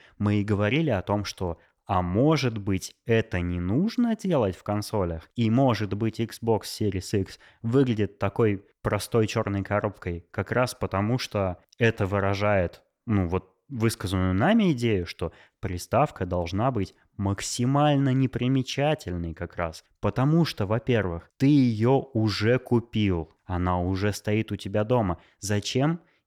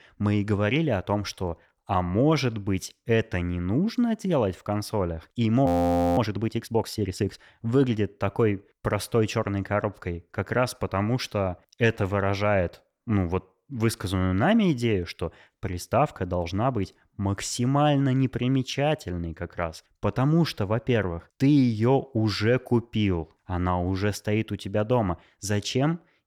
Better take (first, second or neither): first